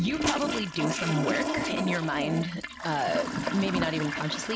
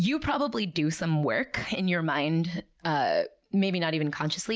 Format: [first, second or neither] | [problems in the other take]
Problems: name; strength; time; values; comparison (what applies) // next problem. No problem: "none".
second | background sound (Toilet flush); 2 dB below the speech